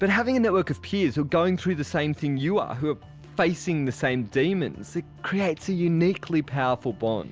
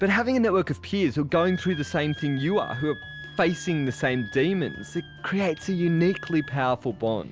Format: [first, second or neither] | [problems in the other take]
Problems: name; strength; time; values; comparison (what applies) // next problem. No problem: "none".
first | background sound (Wind instrument, woodwind instrument); 18 dB below the speech